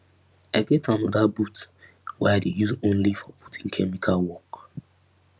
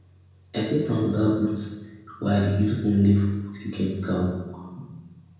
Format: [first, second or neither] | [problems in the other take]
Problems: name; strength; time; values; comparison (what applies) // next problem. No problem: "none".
first | room echo; dies away in 1 s